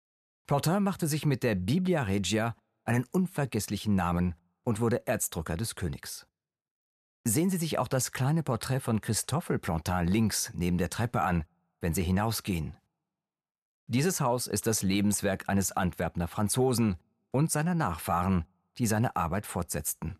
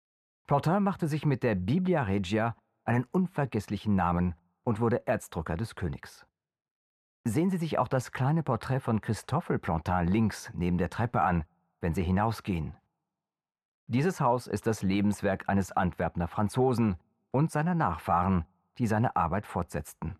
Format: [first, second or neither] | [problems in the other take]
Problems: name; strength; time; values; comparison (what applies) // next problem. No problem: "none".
first | muffled; slightly; fading above 4 kHz